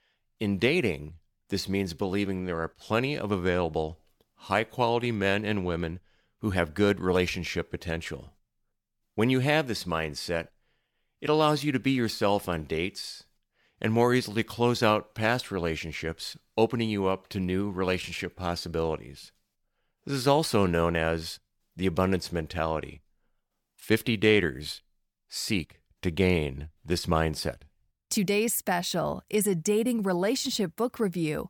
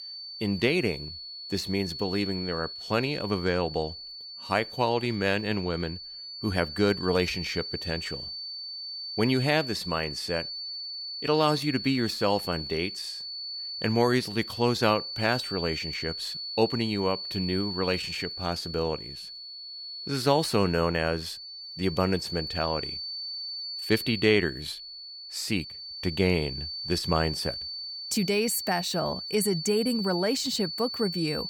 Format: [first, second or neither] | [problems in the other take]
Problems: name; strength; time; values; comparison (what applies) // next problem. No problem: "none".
first | high-pitched whine; loud; throughout; 4.5 kHz, 7 dB below the speech